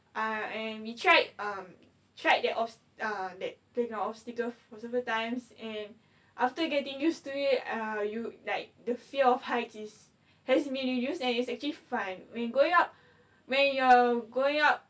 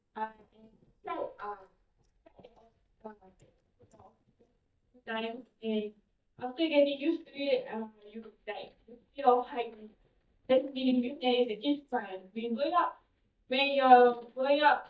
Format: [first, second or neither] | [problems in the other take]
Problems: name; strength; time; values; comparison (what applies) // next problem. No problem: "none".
first | noise reduction (neural mask model DeepFilterNet 3)